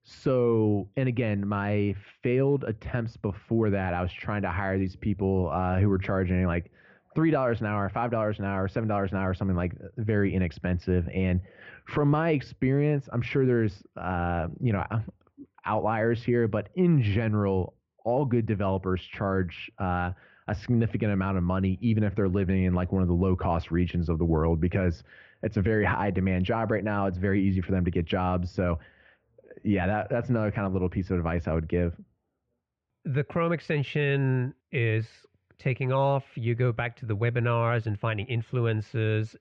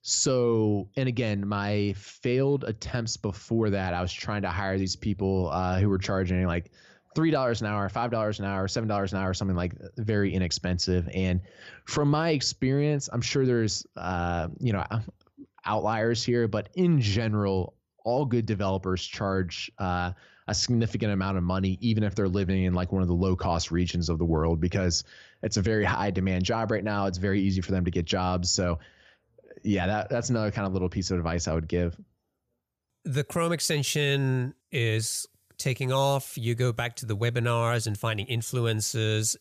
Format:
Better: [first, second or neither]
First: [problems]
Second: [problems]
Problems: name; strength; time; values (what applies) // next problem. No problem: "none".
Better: second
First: muffled; very; fading above 2.5 kHz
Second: none